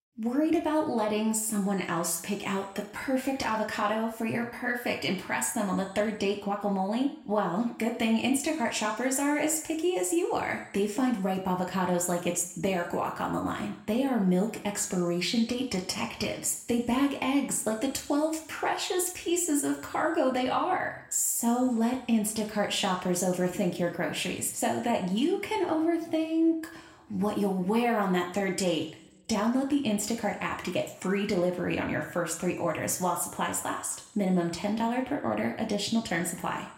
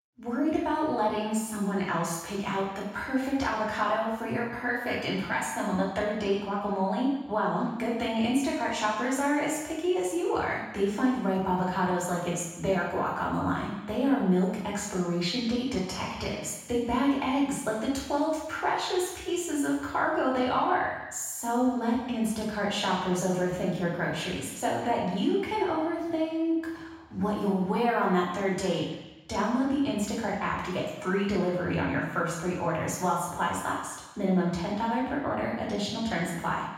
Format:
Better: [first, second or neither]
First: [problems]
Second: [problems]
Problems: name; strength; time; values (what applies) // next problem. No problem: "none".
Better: first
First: room echo; slight; dies away in 0.7 s // off-mic speech; somewhat distant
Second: room echo; strong; dies away in 1.1 s // off-mic speech; far